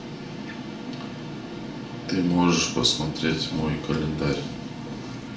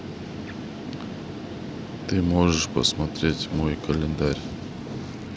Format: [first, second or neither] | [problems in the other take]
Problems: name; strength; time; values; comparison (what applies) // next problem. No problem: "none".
second | room echo; dies away in 0.4 s